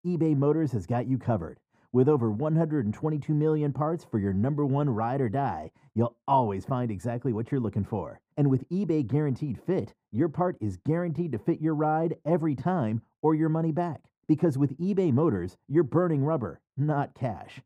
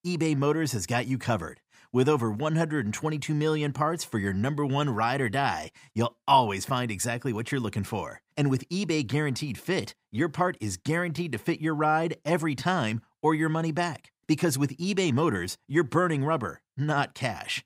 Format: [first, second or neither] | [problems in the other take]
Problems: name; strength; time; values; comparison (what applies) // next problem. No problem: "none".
second | muffled; very; fading above 1.5 kHz